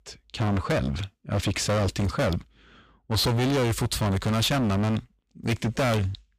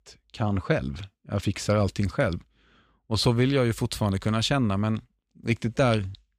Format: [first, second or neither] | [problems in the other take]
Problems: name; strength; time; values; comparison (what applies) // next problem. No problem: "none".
second | distortion; heavy; 24% of the sound clipped